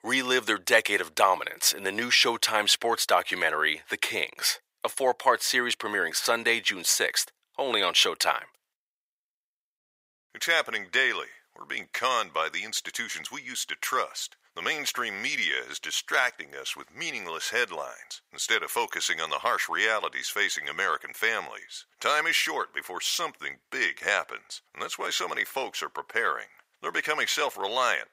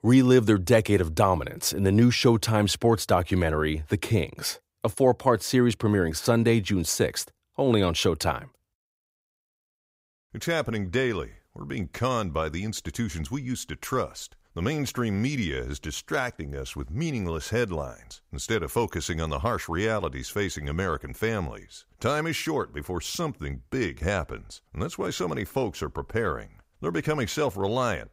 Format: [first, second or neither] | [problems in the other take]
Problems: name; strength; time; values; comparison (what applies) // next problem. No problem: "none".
second | thin; very; fading below 750 Hz